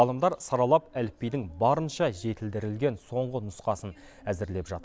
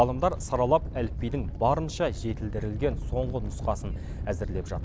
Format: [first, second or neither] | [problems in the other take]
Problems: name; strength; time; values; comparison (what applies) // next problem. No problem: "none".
first | background sound (Animal); 5 dB below the speech